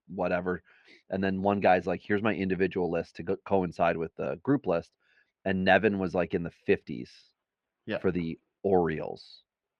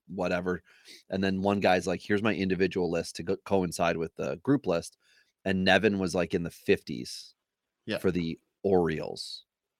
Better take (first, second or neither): second